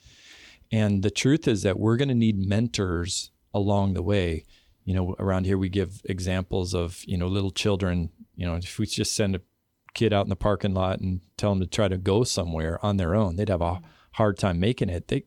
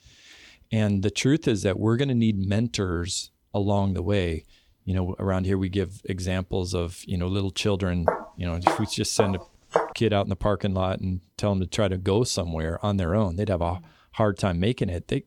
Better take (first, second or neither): first